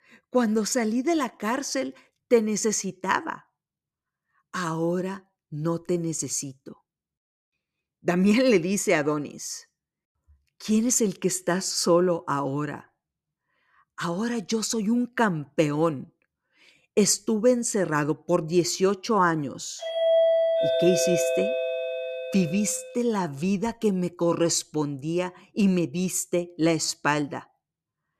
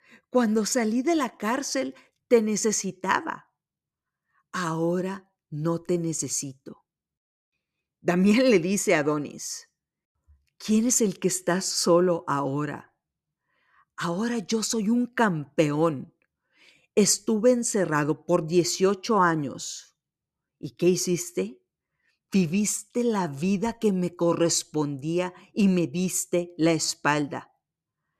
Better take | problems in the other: second | doorbell; loud; from 20 to 23 s; peak 5 dB above the speech

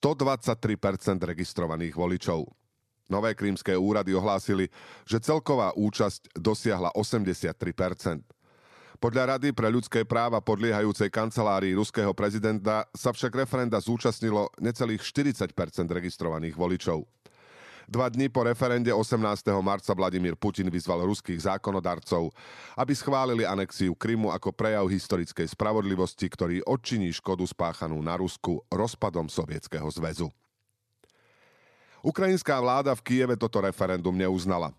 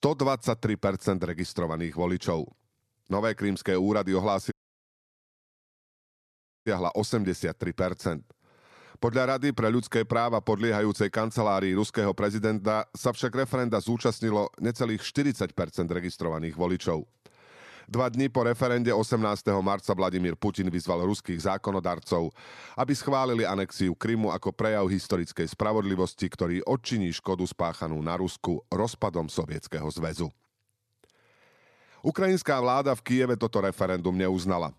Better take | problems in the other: first | audio cutting out; at 4.5 s for 2 s

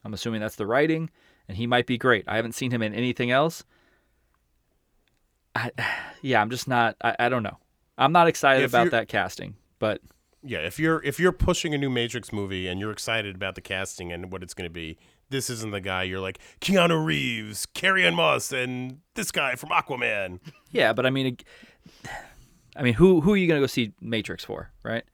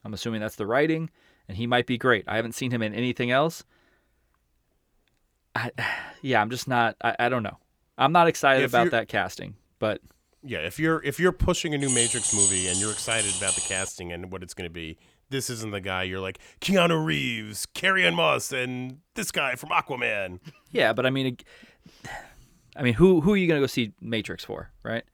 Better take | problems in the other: first | jangling keys; loud; from 12 to 14 s; peak 5 dB above the speech

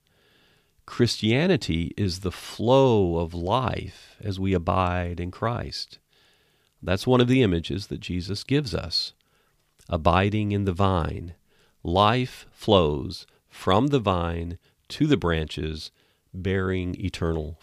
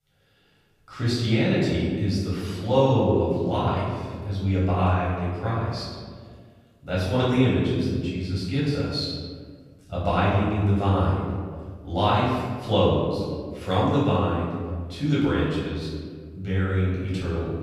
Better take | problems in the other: first | off-mic speech; far // room echo; strong; dies away in 1.7 s

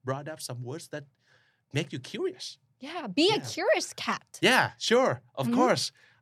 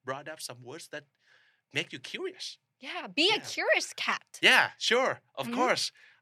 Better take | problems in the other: first | thin; very slightly; fading below 850 Hz

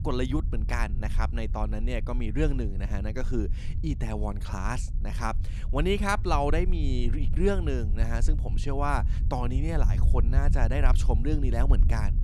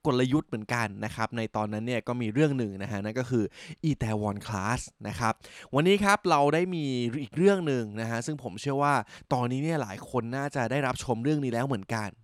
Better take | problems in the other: second | low rumble; noticeable; throughout; 15 dB below the speech

